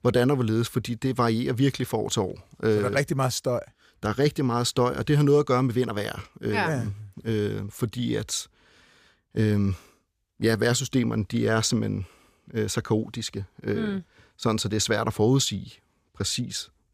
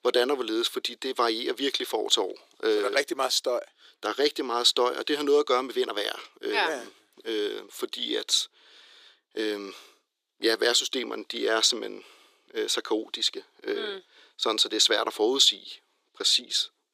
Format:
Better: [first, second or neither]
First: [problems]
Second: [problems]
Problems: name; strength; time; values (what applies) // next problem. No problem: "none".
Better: first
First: none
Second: thin; very; fading below 350 Hz